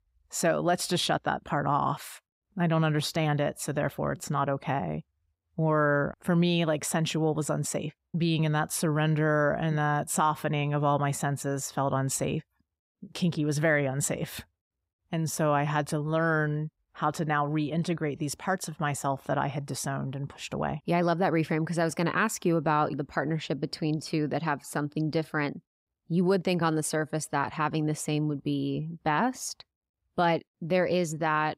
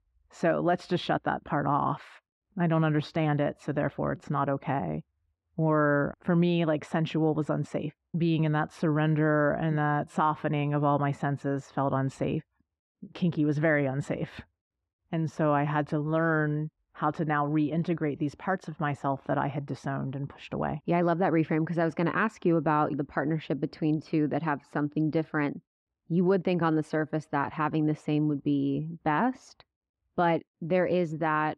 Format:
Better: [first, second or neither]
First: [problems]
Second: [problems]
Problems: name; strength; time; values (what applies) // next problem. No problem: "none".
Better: first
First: none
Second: muffled; very; fading above 2.5 kHz